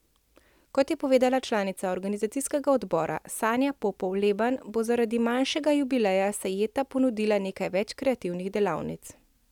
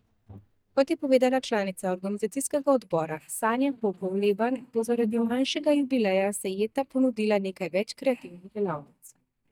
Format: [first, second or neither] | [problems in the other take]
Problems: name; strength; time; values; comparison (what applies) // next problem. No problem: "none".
first | noise reduction (neural mask model DeepFilterNet 3)